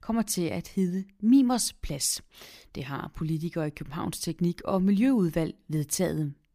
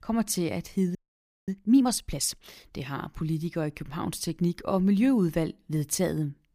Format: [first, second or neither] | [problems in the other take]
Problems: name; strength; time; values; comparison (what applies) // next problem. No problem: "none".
first | audio freezing; at 1 s for 0.5 s